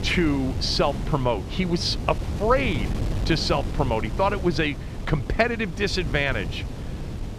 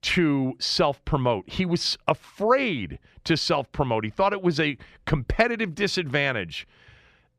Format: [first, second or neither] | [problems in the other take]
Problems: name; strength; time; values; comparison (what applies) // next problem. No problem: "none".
second | wind noise on the microphone; occasional gusts; 15 dB below the speech